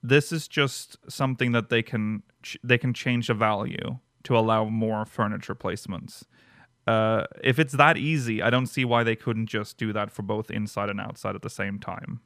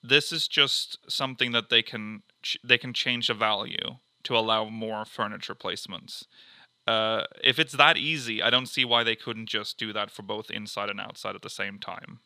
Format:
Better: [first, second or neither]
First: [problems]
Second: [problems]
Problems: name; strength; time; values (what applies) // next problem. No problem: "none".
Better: first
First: none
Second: thin; somewhat; fading below 450 Hz